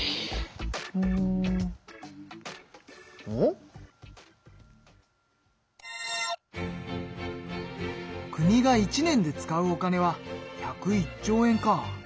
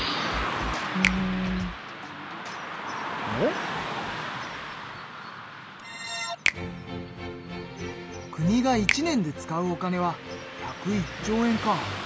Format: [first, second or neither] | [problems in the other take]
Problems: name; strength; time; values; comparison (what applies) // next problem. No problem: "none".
first | background sound (Finger snapping + Car passing by / Traffic noise, roadway noise); 4 dB below the speech